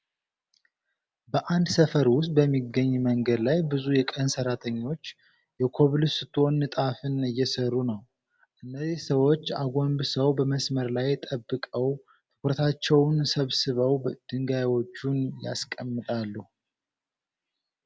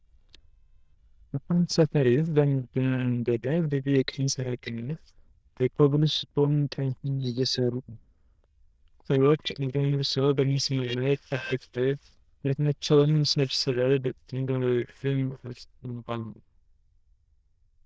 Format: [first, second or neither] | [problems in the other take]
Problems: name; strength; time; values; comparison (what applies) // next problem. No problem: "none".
first | noise reduction (neural diffusion model UNIVERSE++)